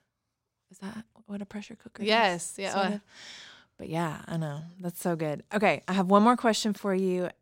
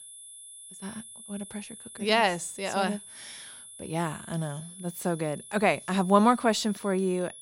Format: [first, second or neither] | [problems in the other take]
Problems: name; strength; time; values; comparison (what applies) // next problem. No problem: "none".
first | high-pitched whine; noticeable; throughout; 10.5 kHz, 15 dB below the speech